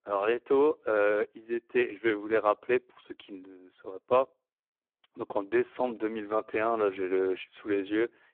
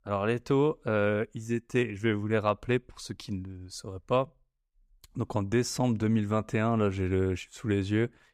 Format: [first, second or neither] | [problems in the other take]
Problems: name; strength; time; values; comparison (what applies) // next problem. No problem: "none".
second | phone-call audio; poor line